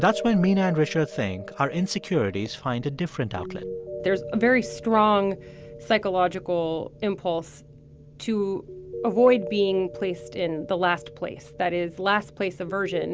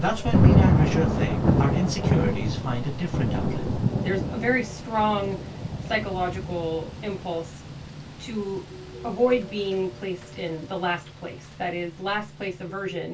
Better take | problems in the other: first | background sound (Thunder / Rain); 1 dB above the speech // room echo; dies away in 0.2 s

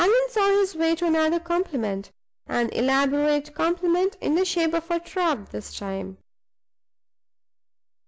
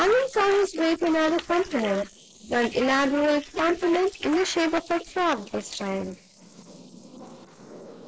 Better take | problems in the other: first | noise reduction (neural mask model Resemble Enhance denoiser)

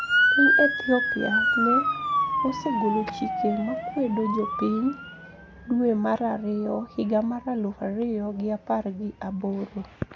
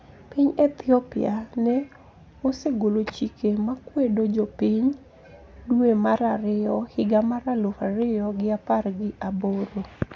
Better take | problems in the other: second | background sound (Motor vehicle (road) / Siren); 1 dB below the speech

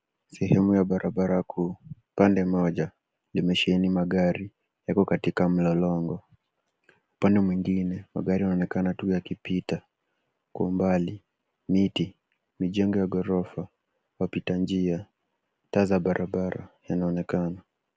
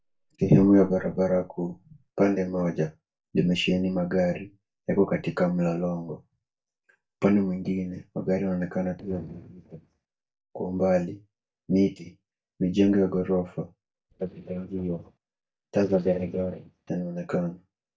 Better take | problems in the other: first | noise reduction (neural mask model DeepFilterNet 3)

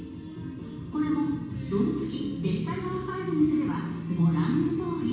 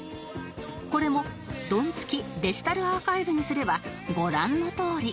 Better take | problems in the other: second | room echo; dies away in 1.2 s

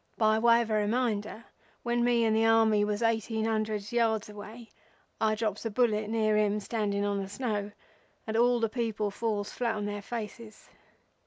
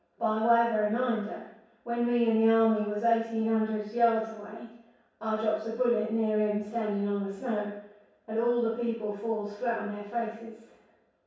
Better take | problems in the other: first | room echo; dies away in 0.7 s

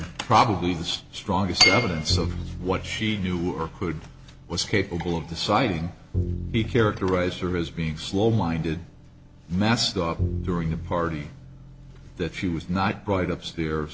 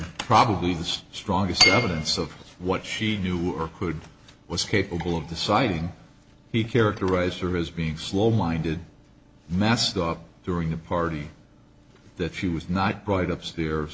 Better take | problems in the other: second | background sound (Bowed string instrument); 10 dB below the speech

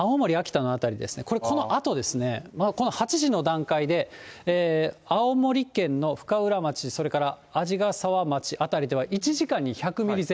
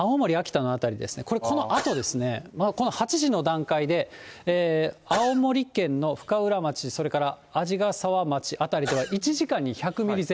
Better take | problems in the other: first | background sound (Sneeze / Cough); 14 dB below the speech

